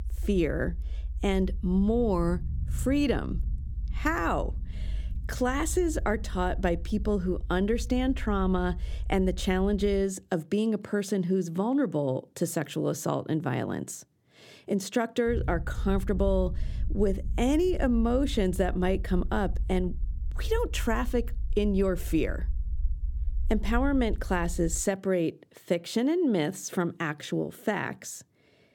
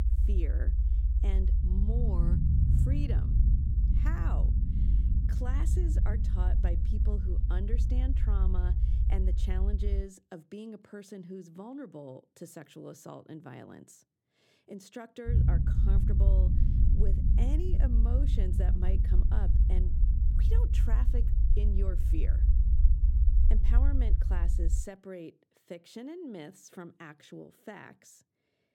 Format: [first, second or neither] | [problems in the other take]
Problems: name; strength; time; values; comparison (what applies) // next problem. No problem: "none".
first | low rumble; loud; until 10 s and from 15 to 25 s; 1 dB below the speech; faint in the first